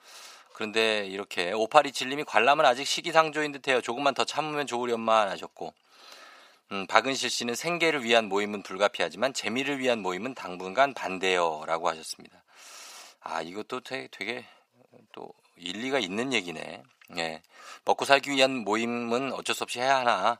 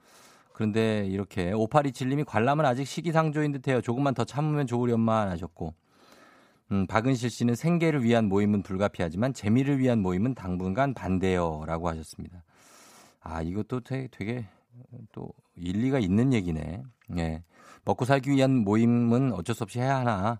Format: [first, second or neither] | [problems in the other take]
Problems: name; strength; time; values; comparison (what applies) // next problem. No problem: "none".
second | thin; very; fading below 550 Hz